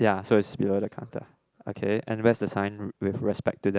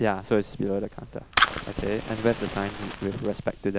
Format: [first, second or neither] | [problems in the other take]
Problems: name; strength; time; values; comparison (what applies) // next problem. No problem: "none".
first | background sound (Fire); 4 dB below the speech